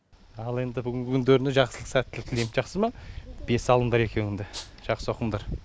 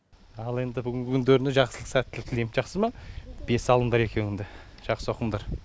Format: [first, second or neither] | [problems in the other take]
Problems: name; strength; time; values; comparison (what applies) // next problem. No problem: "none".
second | background sound (Rattle (instrument)); 14 dB below the speech